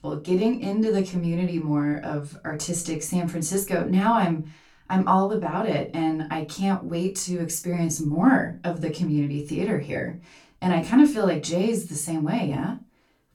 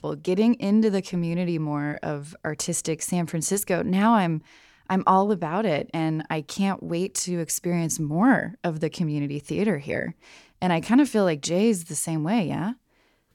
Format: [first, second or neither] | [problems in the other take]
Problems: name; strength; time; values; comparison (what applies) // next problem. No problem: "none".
second | off-mic speech; far // room echo; very slight; dies away in 0.2 s